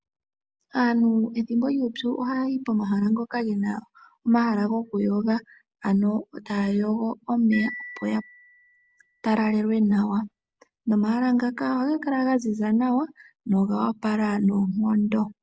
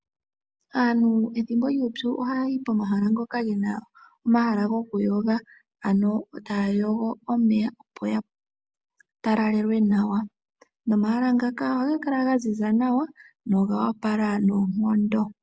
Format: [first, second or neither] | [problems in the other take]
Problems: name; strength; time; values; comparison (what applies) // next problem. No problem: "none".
second | background sound (Marimba, xylophone); 18 dB below the speech